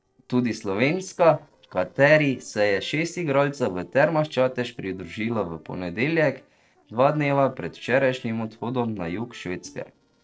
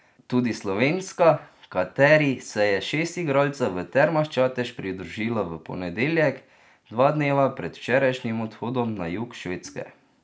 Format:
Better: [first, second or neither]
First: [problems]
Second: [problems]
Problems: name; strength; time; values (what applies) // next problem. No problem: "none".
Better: second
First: noise reduction (neural separator model SepFormer DNS4)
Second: none